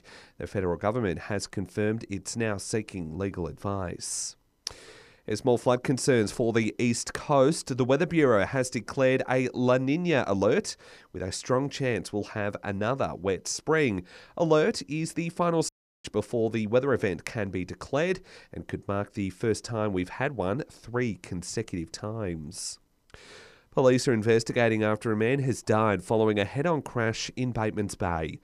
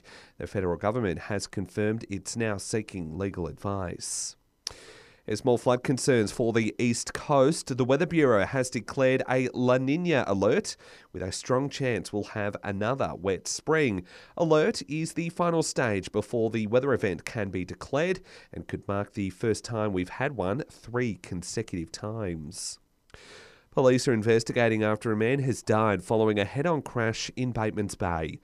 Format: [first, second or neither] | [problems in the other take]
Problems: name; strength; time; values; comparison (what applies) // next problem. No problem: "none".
second | audio cutting out; at 16 s